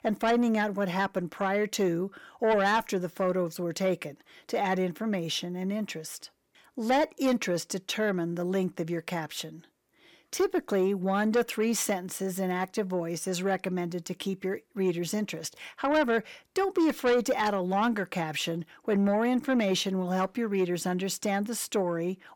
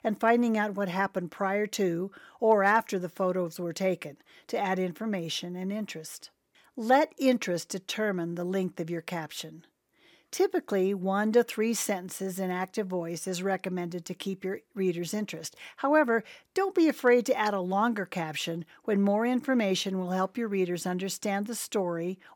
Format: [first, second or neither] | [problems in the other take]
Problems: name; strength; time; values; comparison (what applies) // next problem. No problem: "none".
second | distortion; slight; 10 dB below the speech